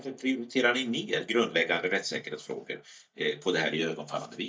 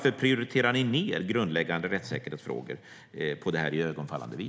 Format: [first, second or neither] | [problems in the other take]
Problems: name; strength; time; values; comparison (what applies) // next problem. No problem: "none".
second | noise reduction (neural mask model DeepFilterNet 3)